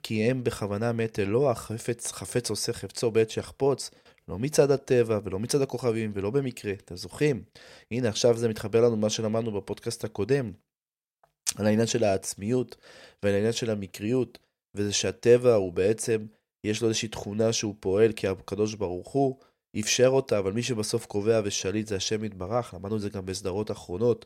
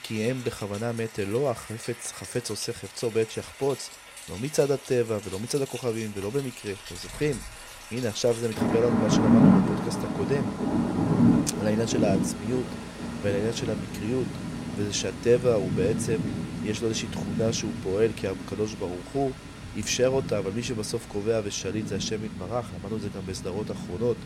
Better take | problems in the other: first | rain or running water; loud; throughout; as loud as the speech

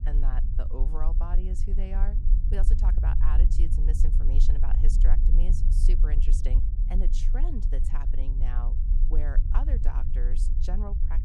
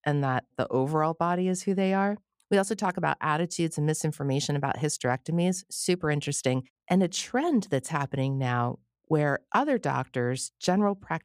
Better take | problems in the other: second | low rumble; loud; throughout; 4 dB below the speech

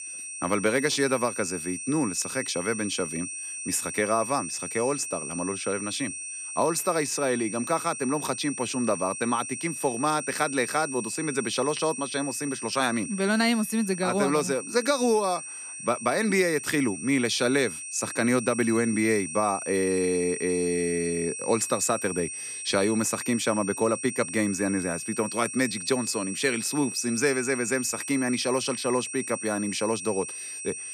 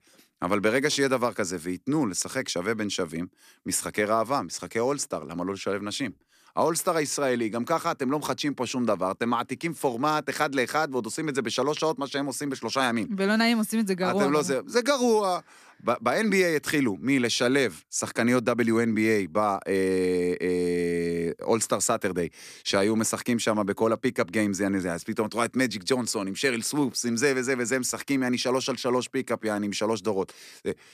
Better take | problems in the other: second | high-pitched whine; loud; throughout; 8.5 kHz, 7 dB below the speech

